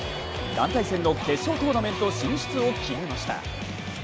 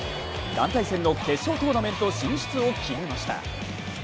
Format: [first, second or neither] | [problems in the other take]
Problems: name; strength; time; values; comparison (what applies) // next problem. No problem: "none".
second | background sound (Piano); 12 dB below the speech